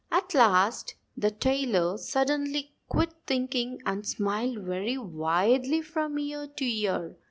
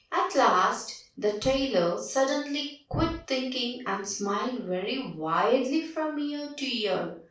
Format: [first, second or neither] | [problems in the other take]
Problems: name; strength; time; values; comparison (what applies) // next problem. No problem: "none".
first | room echo; dies away in 0.4 s